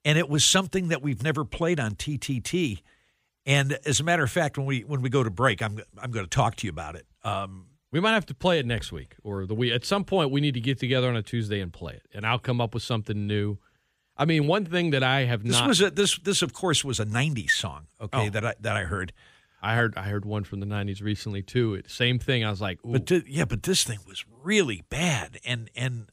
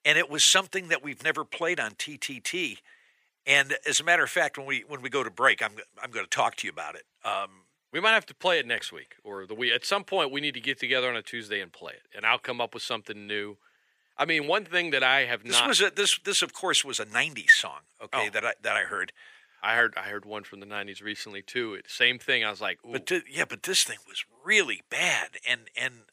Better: first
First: none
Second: thin; very; fading below 450 Hz

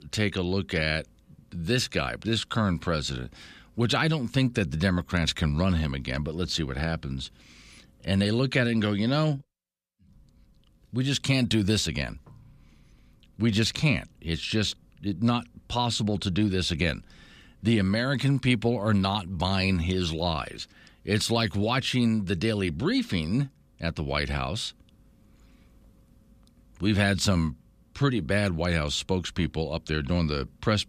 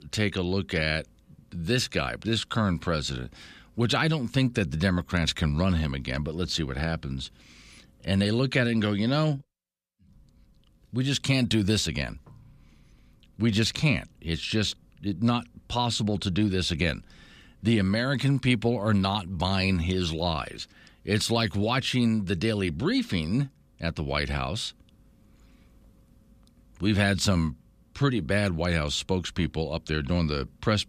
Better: neither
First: none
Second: none

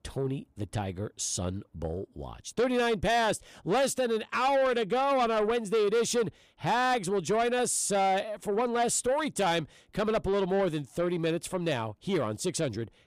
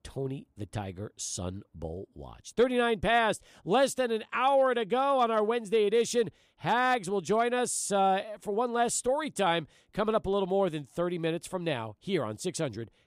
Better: second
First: distortion; slight; 10 dB below the speech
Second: none

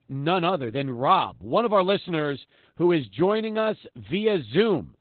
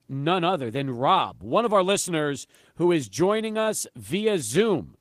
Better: second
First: garbled, watery; badly; nothing above 4 kHz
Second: garbled, watery; slightly

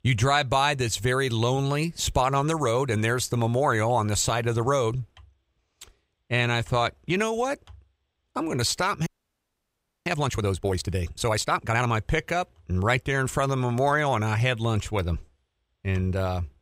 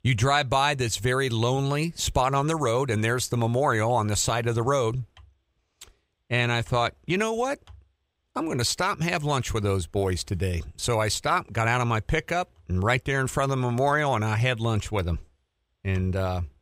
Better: second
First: audio freezing; at 9 s for 1 s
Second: none

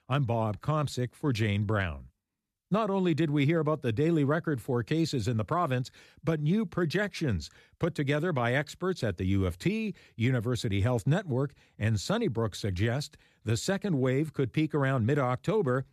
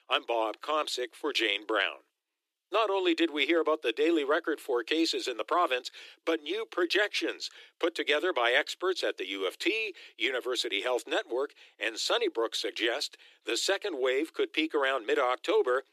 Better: first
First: none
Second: thin; very; fading below 300 Hz

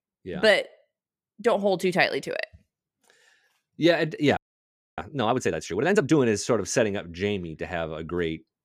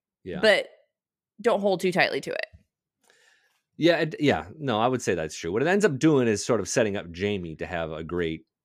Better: second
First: audio freezing; at 4.5 s for 0.5 s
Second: none

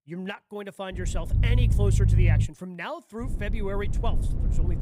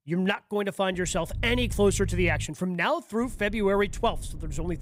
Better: second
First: low rumble; loud; from 1 to 2.5 s and from 3 s on; 6 dB below the speech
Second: low rumble; faint; from 1 to 2.5 s and from 3 s on; 25 dB below the speech

